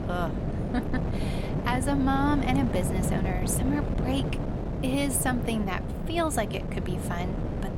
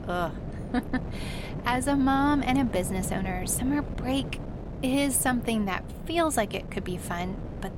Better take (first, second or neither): second